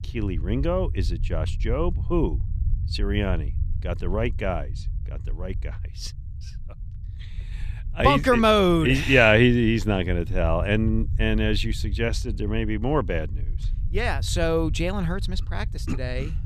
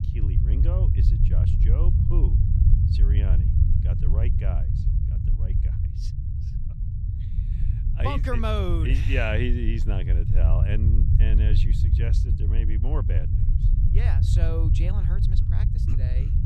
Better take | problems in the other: first | low rumble; loud; throughout; 4 dB below the speech; faint in the first

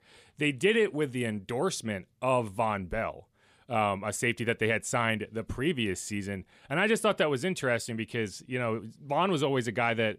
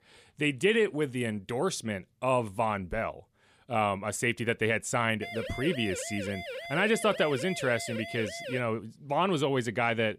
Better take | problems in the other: first | siren; noticeable; from 5 to 8.5 s; peak 8 dB below the speech

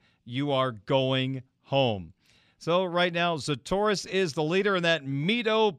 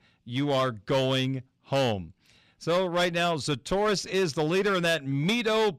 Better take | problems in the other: first | distortion; slight; 9% of the sound clipped

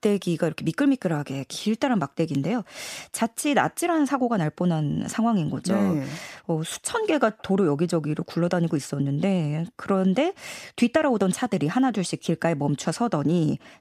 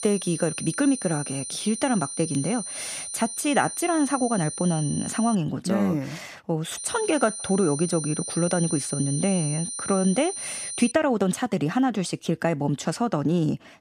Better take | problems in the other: first | high-pitched whine; loud; until 5.5 s and from 7 to 11 s; 9 kHz, 6 dB below the speech

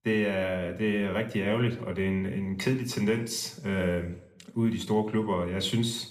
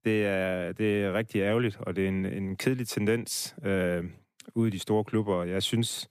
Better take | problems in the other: second | room echo; slight; dies away in 0.5 s

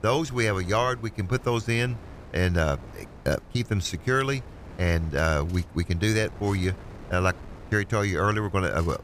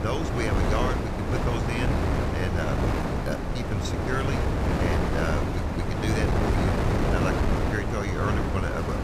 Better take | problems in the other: first | wind noise on the microphone; heavy; 3 dB above the speech; occasional gusts in the first

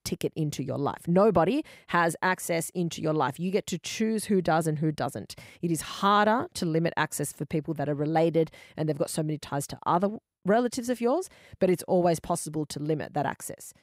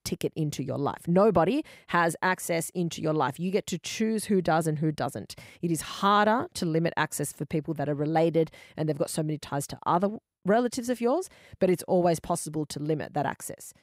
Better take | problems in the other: neither | none

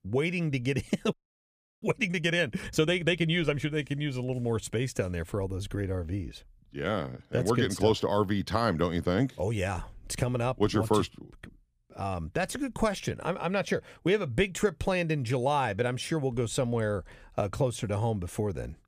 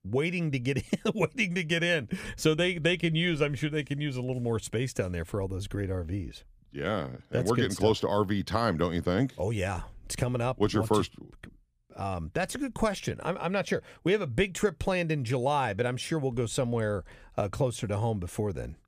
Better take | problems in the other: second | audio freezing; at 1 s for 0.5 s

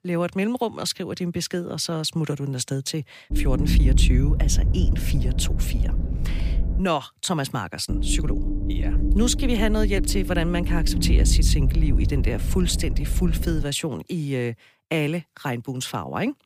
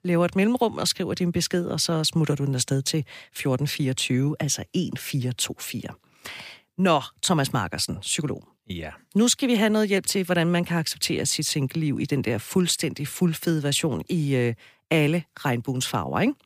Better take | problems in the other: second | low rumble; loud; from 3.5 to 7 s and from 8 to 14 s; 9 dB below the speech

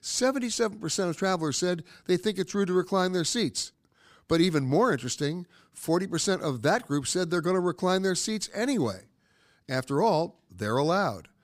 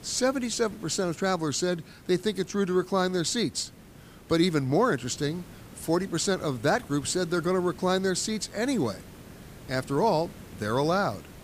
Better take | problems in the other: first | hiss; faint; throughout; 20 dB below the speech

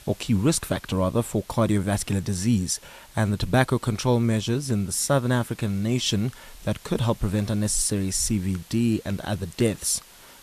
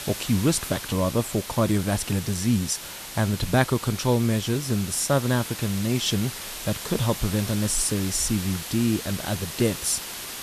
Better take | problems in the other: first | hiss; loud; throughout; 9 dB below the speech; faint in the first

